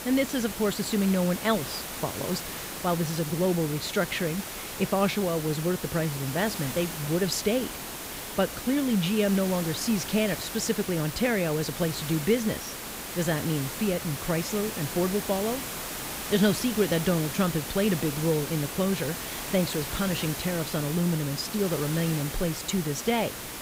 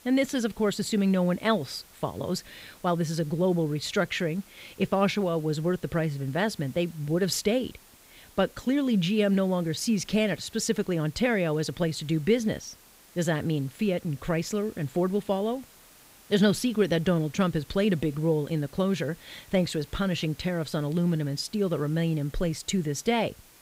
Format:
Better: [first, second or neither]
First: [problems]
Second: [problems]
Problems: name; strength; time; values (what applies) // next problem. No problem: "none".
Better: second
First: hiss; loud; throughout; 6 dB below the speech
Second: hiss; faint; throughout; 25 dB below the speech